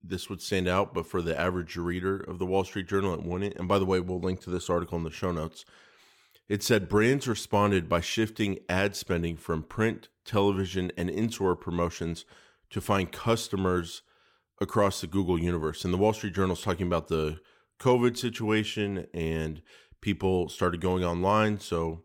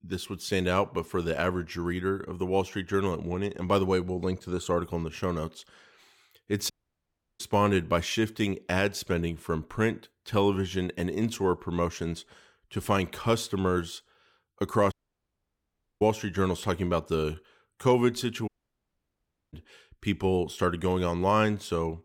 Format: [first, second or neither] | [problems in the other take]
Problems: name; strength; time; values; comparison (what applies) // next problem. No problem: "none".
first | audio cutting out; at 6.5 s for 0.5 s, at 15 s for 1 s and at 18 s for 1 s